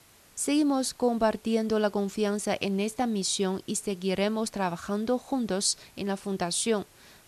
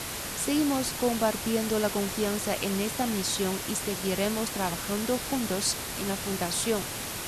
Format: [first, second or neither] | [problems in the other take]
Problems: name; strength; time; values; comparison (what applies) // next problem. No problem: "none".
first | hiss; loud; throughout; 3 dB below the speech; faint in the first